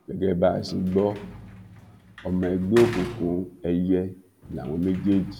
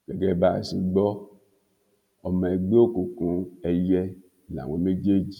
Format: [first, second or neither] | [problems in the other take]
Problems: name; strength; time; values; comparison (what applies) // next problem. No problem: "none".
second | background sound (Sliding door / Slam); 15 dB below the speech